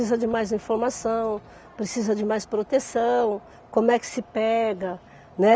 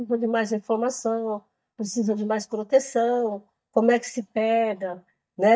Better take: first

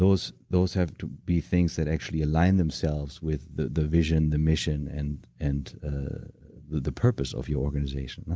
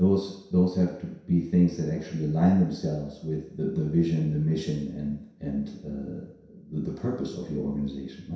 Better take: first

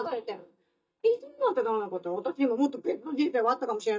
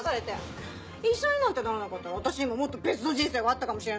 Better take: second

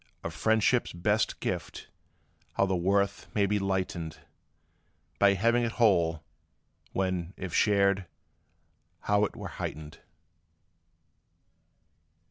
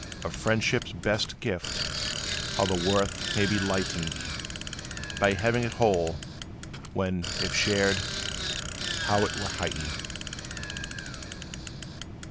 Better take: first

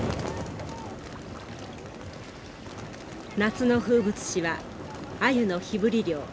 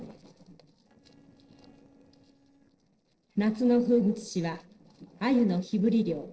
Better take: first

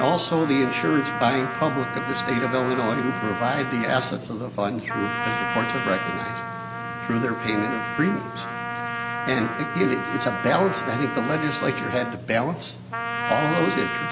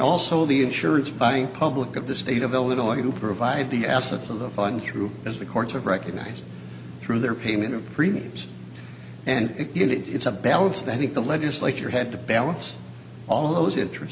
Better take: second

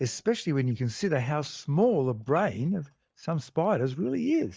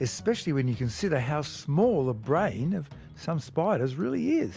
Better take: second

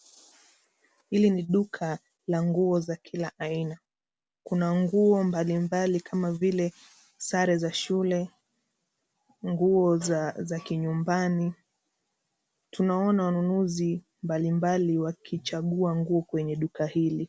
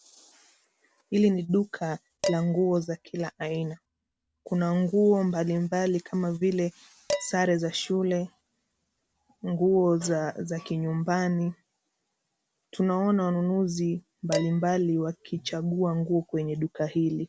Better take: first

